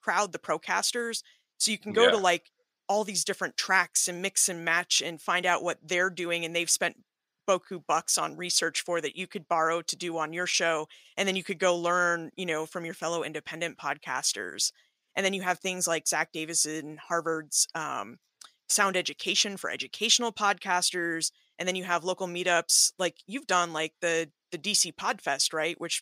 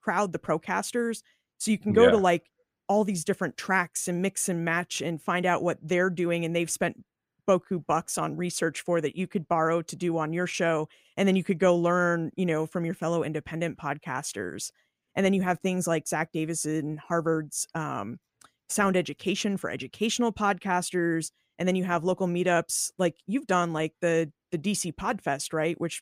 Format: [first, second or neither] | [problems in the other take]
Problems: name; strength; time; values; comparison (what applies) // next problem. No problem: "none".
second | thin; somewhat; fading below 950 Hz